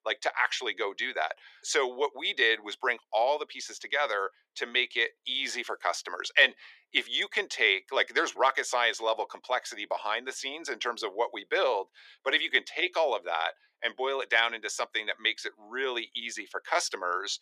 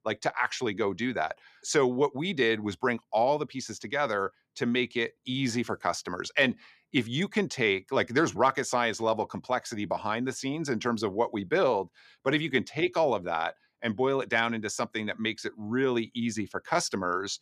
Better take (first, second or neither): second